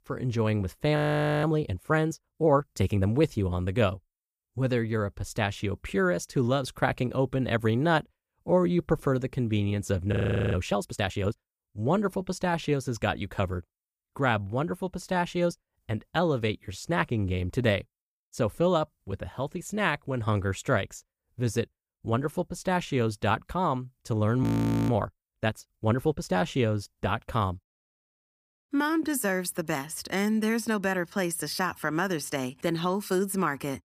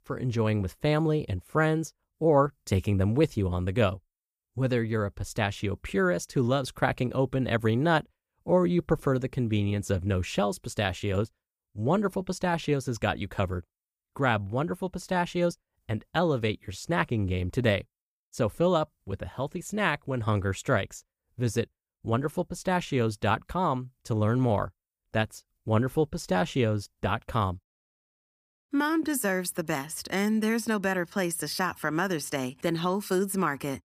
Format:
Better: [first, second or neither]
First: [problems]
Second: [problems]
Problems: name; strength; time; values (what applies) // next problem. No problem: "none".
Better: second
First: audio freezing; at 1 s, at 10 s and at 24 s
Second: none